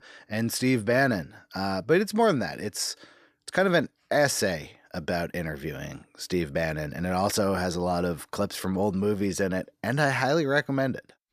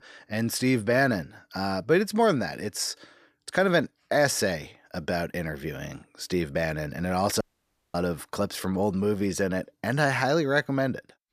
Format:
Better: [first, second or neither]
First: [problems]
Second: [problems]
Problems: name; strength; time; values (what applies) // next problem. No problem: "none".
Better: first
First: none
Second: audio cutting out; at 7.5 s for 0.5 s